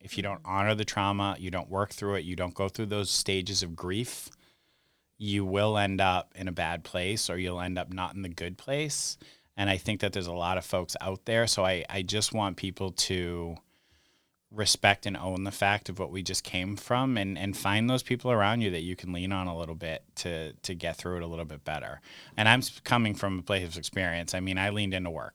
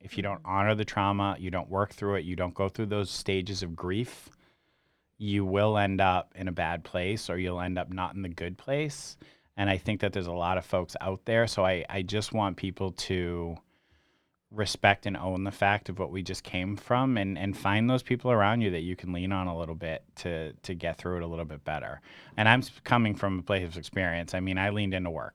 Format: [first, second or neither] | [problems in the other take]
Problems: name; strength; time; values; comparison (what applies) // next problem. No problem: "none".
first | muffled; slightly; fading above 3.5 kHz